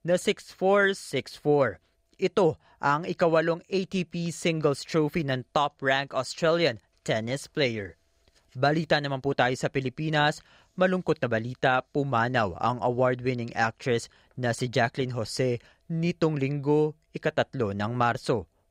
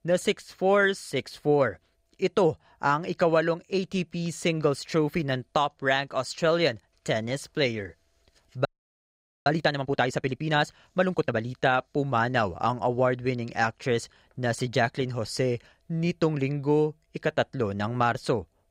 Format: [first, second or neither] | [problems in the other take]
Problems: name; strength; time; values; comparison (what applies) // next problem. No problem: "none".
first | audio freezing; at 8.5 s for 1 s